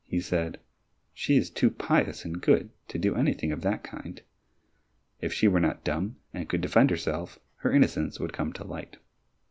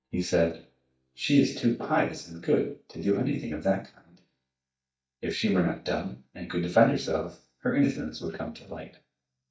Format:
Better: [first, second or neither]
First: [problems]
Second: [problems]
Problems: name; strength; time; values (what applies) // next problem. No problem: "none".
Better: first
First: none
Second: noise reduction (neural mask model DeepFilterNet 3)